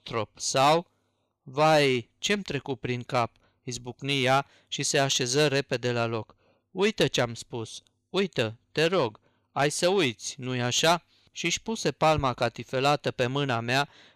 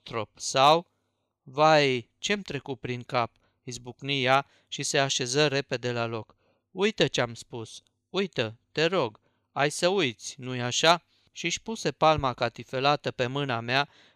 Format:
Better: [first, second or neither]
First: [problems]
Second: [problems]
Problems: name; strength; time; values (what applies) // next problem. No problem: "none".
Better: second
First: distortion; slight; 10 dB below the speech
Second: none